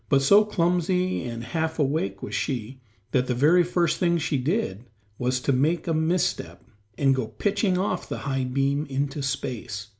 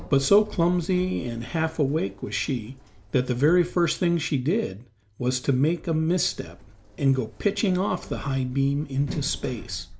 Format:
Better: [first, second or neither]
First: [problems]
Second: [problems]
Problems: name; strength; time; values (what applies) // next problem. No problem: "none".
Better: first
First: none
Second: background sound (Sliding door); 17 dB below the speech